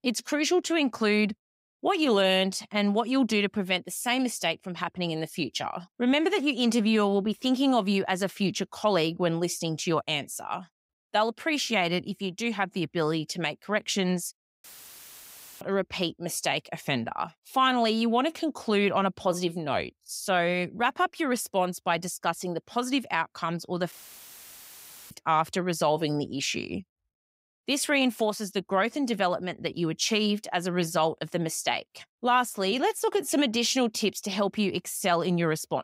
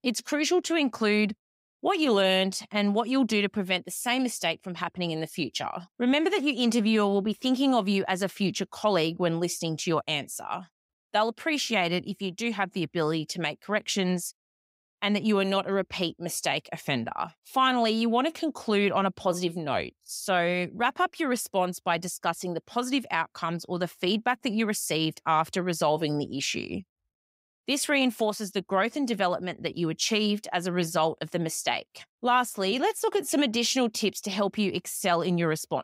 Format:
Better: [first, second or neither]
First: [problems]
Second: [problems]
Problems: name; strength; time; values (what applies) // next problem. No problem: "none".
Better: second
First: audio cutting out; filled with static; at 15 s for 1 s and at 24 s for 1 s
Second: none